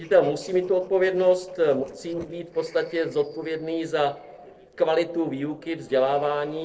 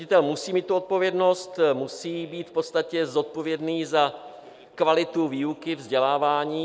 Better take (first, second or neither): second